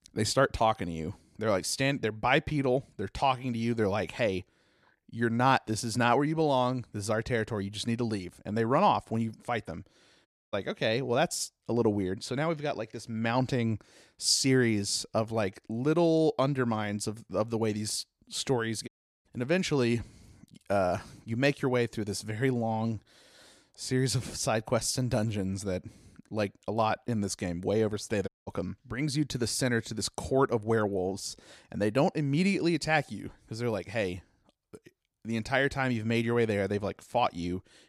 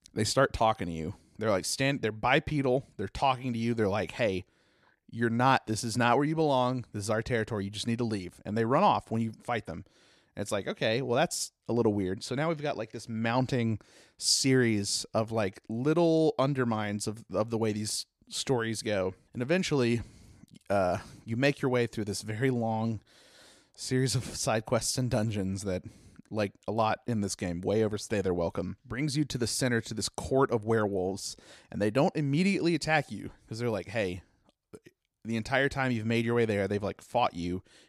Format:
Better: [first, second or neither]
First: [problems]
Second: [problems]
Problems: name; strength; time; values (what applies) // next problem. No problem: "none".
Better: second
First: audio cutting out; at 10 s, at 19 s and at 28 s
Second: none